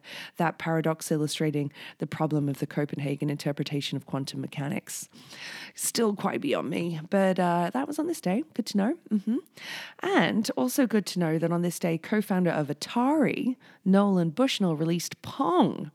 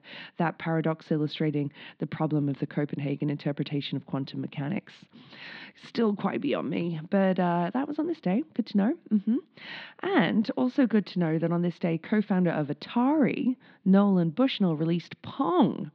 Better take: first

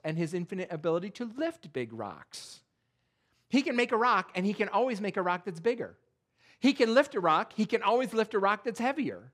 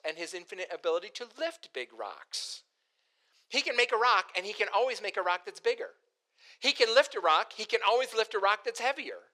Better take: first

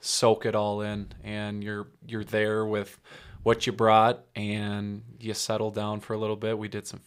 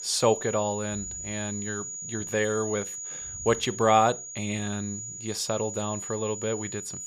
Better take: first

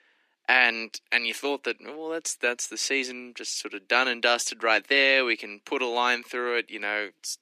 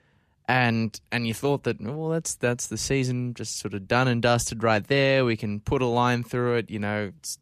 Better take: second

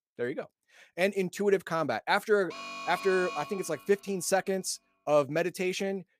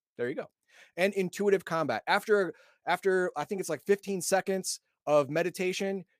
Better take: second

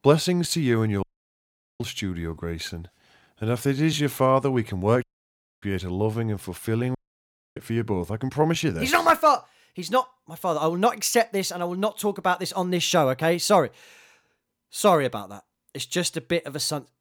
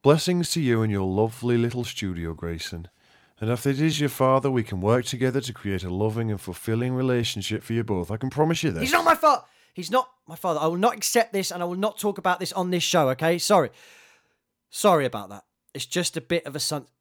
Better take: second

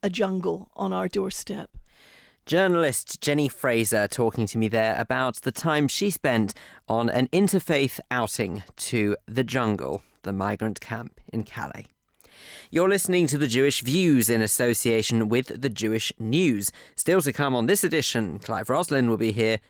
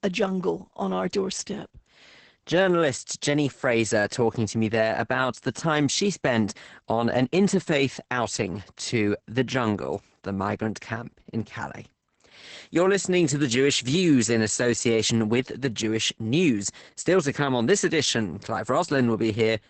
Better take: first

